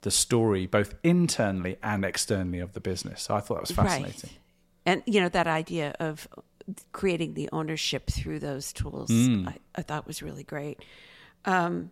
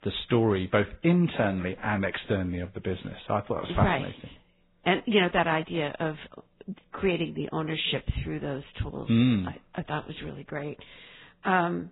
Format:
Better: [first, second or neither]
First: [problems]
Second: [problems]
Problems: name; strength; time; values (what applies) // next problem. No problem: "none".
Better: first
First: none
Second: garbled, watery; badly; nothing above 4 kHz